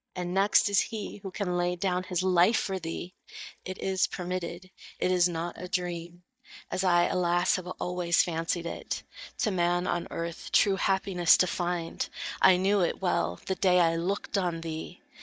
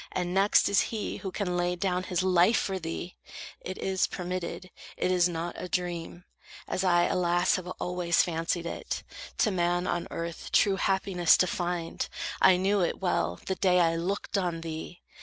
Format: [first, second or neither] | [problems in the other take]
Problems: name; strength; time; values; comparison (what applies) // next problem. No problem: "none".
second | noise reduction (neural mask model DeepFilterNet 3)